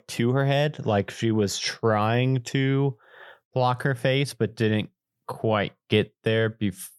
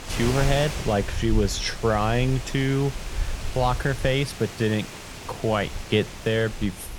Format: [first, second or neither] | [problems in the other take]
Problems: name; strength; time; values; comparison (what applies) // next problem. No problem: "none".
first | wind noise on the microphone; heavy; 10 dB below the speech